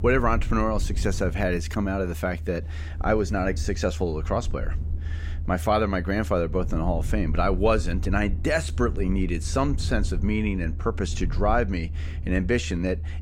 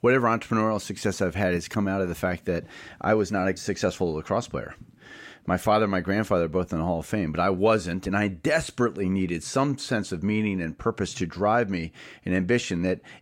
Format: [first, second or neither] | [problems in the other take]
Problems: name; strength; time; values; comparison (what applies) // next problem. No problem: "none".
second | low rumble; faint; throughout; 20 dB below the speech